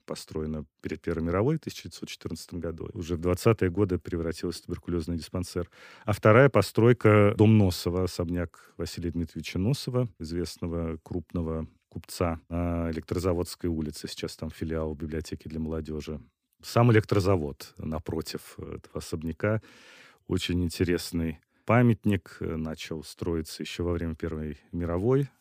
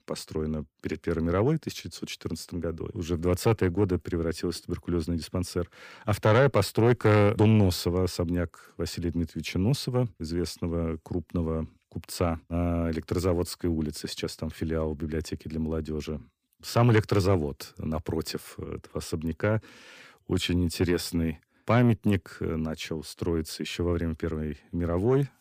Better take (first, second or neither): first